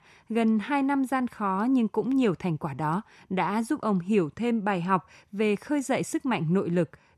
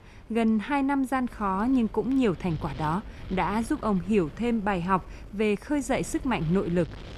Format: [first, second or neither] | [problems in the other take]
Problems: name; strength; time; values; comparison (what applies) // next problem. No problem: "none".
first | wind noise on the microphone; occasional gusts; 20 dB below the speech